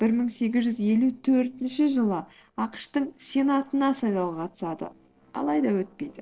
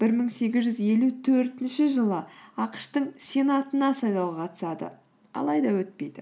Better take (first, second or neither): second